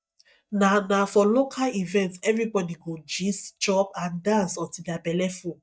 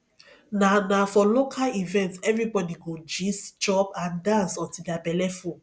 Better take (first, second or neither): second